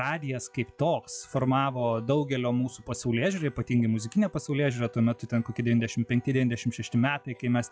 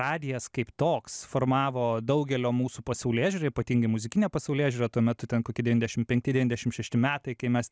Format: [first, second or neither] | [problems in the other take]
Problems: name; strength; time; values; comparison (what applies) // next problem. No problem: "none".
second | noise reduction (classical method log-MMSE)